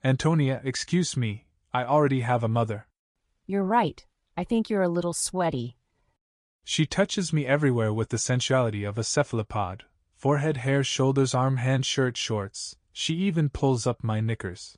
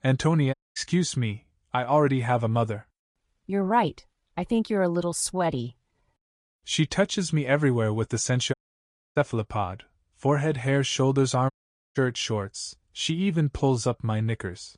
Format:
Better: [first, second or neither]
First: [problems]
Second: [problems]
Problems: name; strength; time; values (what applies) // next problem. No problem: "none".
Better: first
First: none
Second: audio cutting out; at 0.5 s, at 8.5 s for 0.5 s and at 12 s